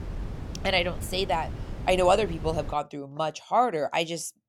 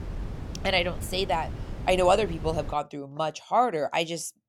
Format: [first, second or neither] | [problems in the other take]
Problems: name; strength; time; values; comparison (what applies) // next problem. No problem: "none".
neither | wind noise on the microphone; occasional gusts; until 2.5 s; 20 dB below the speech; the same in both